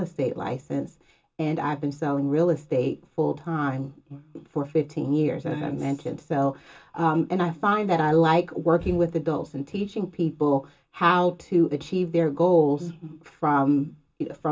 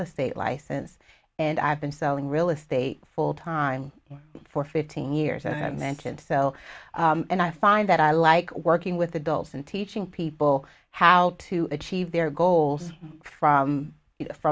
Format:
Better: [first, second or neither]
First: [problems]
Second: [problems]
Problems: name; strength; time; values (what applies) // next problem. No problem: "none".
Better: second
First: background sound (Breathing); 19 dB below the speech // room echo; dies away in 0.2 s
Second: none